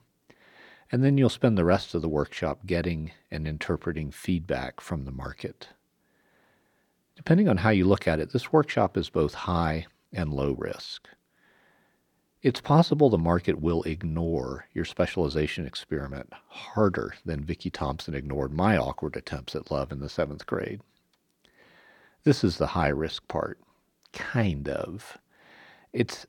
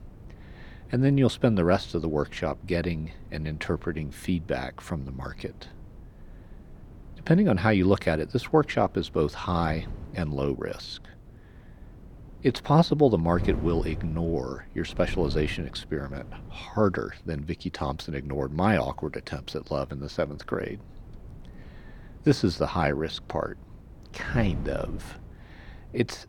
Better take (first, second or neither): first